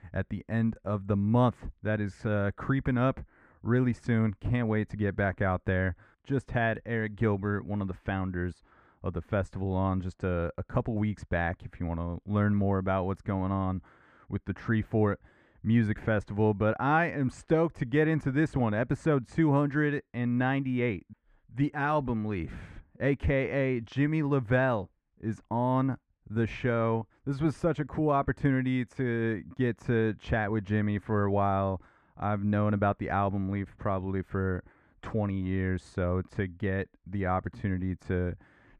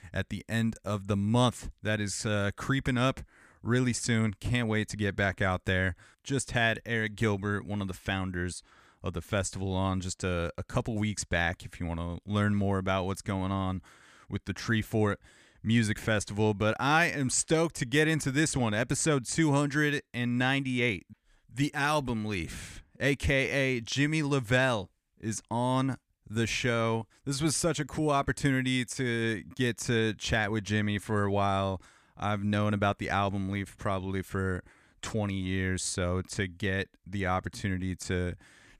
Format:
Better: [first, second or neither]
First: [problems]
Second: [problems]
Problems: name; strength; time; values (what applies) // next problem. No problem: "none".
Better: second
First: muffled; very; fading above 3 kHz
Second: none